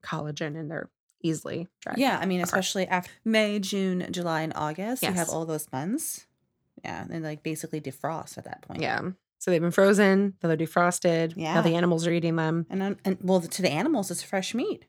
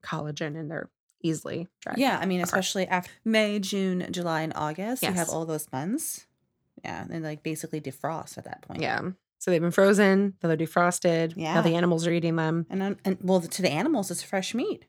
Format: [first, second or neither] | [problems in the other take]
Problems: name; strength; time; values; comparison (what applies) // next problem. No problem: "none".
neither | none